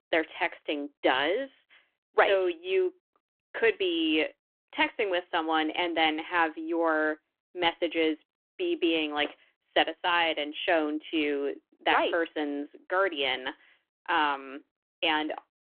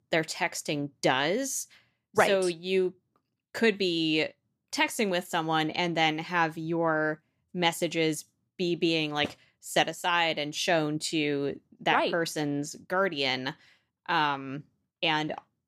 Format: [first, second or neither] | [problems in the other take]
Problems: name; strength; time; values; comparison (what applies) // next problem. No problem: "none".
second | phone-call audio